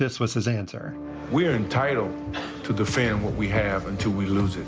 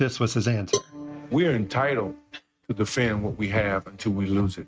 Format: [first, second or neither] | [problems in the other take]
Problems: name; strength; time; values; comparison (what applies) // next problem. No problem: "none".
first | noise reduction (neural mask model RNNoise)